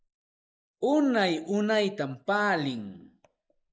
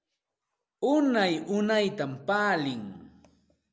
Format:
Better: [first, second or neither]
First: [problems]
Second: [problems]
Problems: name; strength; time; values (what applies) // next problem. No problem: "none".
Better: second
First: noise reduction (neural mask model Resemble Enhance denoiser)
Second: none